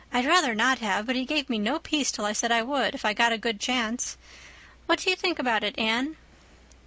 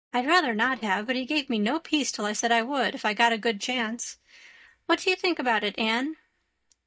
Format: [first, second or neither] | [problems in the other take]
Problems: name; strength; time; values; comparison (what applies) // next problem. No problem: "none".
first | noise reduction (neural mask model DeepFilterNet 3)